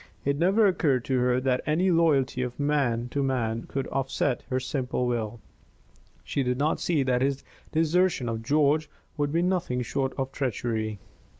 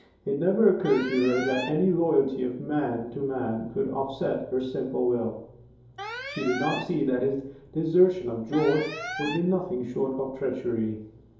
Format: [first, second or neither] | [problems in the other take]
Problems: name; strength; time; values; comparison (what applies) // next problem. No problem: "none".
first | background sound (Alarm); 11 dB below the speech // room echo; dies away in 2.8 s